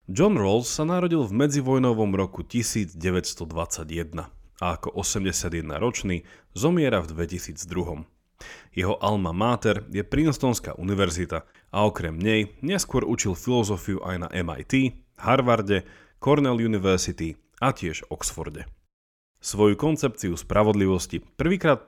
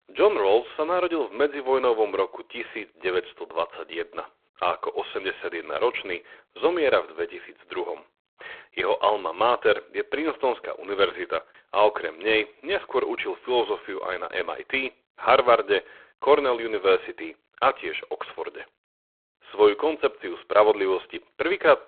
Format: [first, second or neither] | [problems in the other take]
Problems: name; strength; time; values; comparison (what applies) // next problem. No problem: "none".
first | phone-call audio; poor line